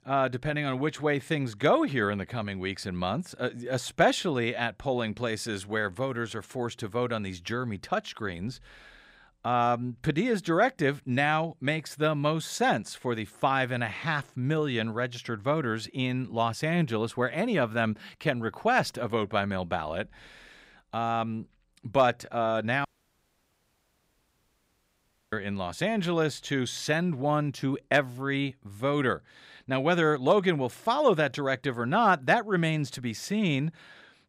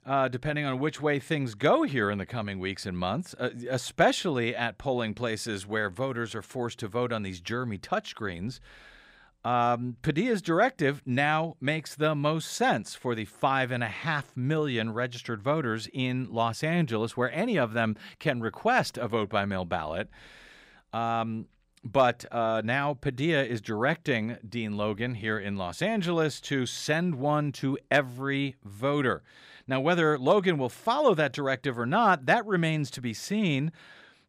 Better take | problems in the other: second | audio cutting out; at 23 s for 2.5 s

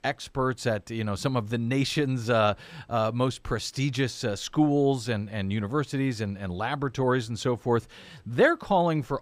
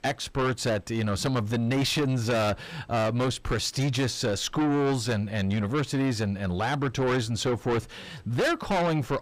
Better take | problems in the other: first | distortion; heavy; 6 dB below the speech

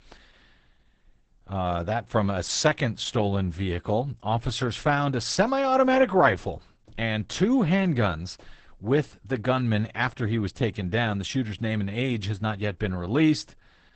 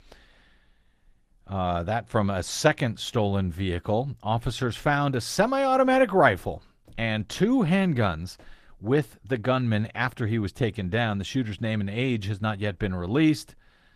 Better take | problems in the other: second | garbled, watery; badly; nothing above 8 kHz; slightly in the second

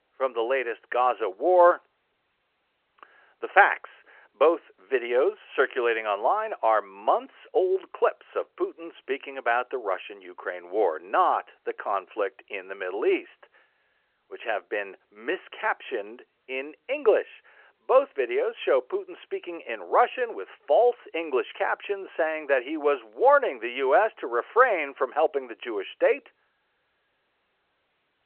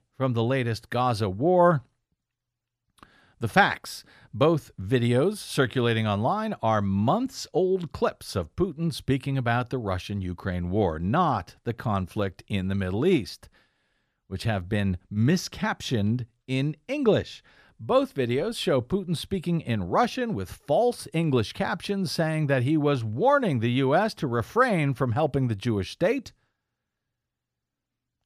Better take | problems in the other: second | phone-call audio

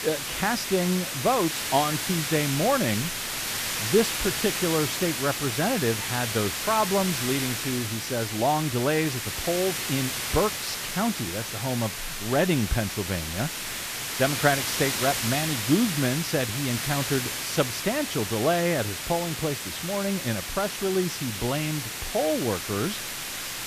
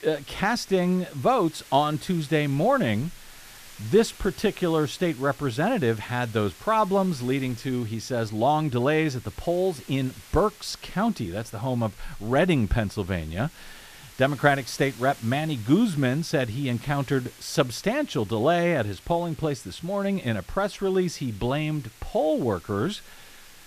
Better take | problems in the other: second | hiss; loud; throughout; 2 dB below the speech; faint in the second

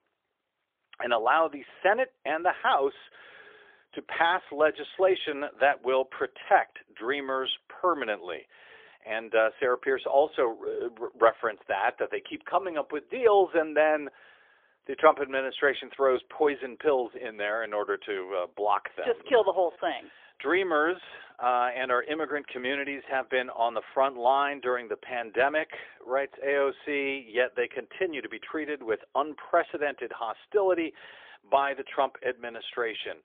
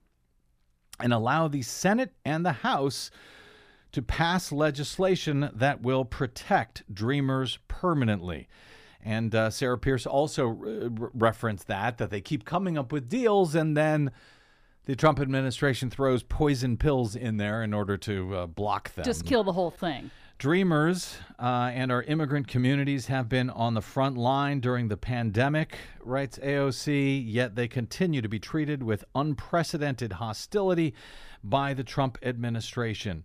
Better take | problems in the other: second | phone-call audio; poor line; nothing above 3.5 kHz

